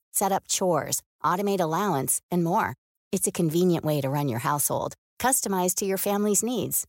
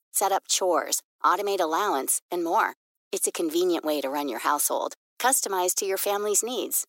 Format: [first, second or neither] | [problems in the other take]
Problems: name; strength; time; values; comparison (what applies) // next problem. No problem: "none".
first | thin; somewhat; fading below 300 Hz